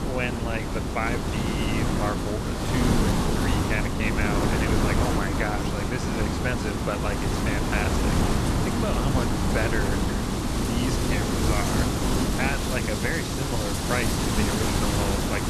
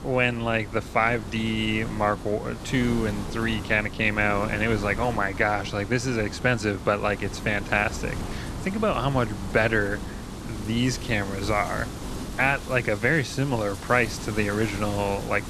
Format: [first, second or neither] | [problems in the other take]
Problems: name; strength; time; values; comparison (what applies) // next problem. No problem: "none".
second | wind noise on the microphone; heavy; 2 dB above the speech; occasional gusts in the second